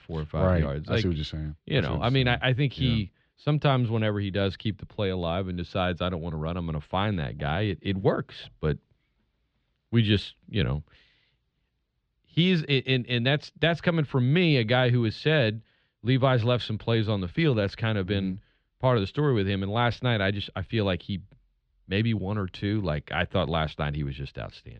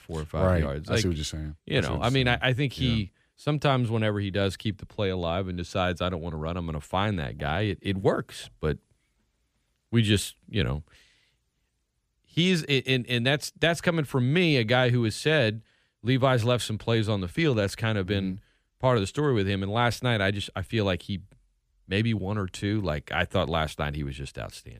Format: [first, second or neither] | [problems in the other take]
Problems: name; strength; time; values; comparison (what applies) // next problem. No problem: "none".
second | muffled; very slightly; fading above 4 kHz